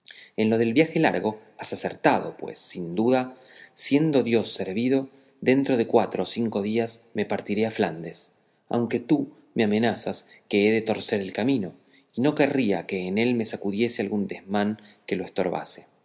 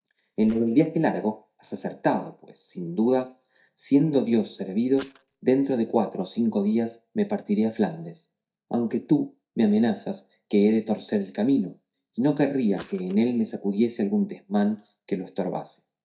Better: first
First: none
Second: noise reduction (neural mask model DeepFilterNet 3)

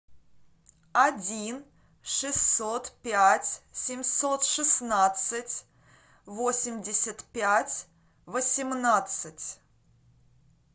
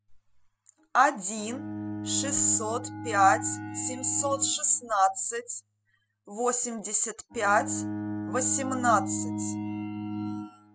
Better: first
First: none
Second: noise reduction (classical method spectral subtraction)

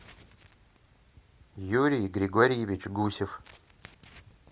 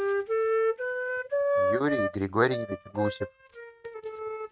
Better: first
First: none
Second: noise reduction (neural mask model RNNoise)

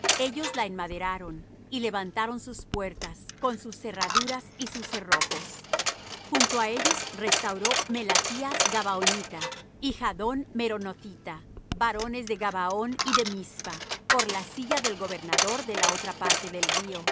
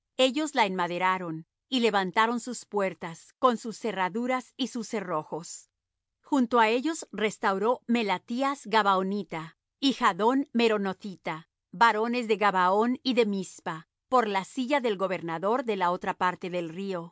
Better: second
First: background sound (Coin (dropping)); 2 dB above the speech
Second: none

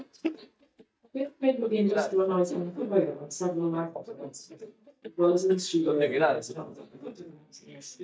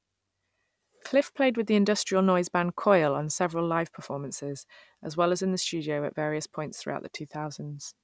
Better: second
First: noise reduction (neural mask model DeepFilterNet 3)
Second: none

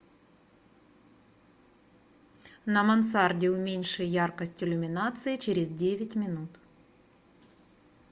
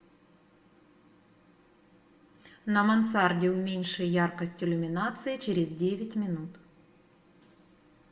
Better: first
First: none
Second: room echo; dies away in 0.8 s

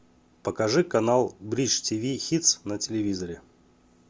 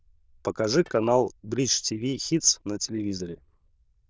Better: first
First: none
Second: noise reduction (neural diffusion model UNIVERSE++)

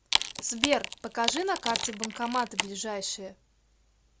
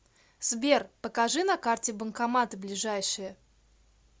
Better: second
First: background sound (Wood); 1 dB below the speech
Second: none

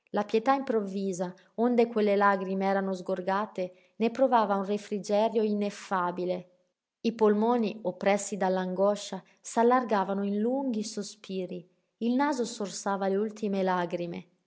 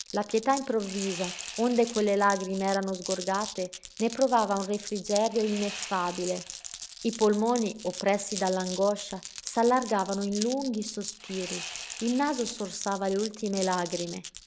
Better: first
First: none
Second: background sound (Sawing + Glass); 12 dB below the speech

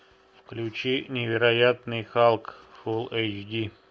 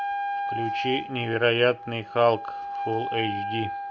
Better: first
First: none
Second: background sound (Wind instrument, woodwind instrument); 5 dB below the speech

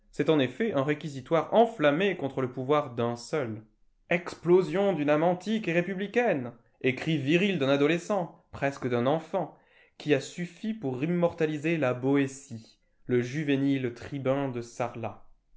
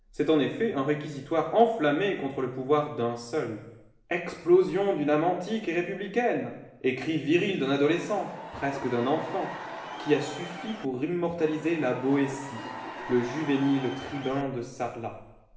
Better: first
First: none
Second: background sound (Crowd / Cheering); 12 dB below the speech // room echo; dies away in 0.8 s

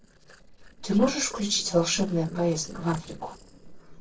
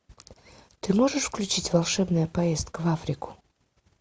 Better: second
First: noise reduction (neural separator model SepFormer DNS4)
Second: none

